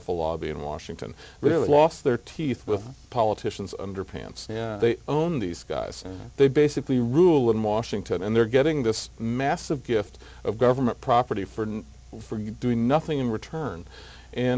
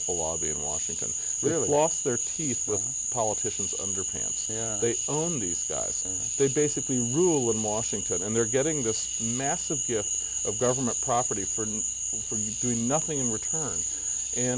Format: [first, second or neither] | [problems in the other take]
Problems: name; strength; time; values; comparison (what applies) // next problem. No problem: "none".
first | background sound (Cricket / Frog); 1 dB above the speech